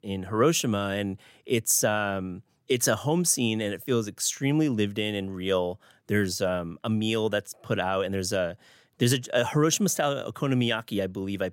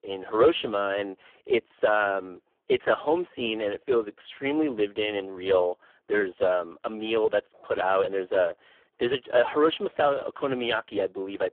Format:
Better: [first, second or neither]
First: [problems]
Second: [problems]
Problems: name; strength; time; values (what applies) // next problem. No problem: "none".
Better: first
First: none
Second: phone-call audio; poor line; nothing above 3.5 kHz